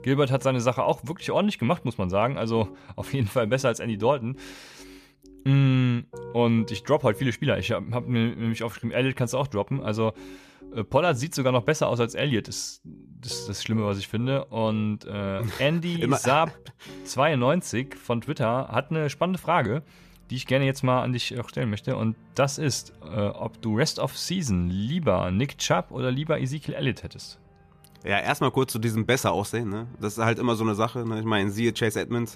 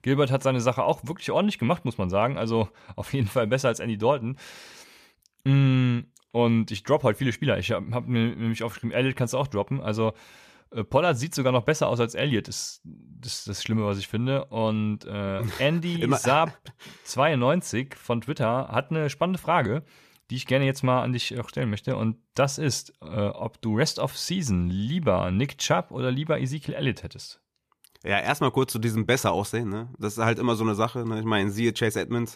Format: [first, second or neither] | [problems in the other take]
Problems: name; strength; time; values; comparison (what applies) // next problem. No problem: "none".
second | background music; faint; throughout; 25 dB below the speech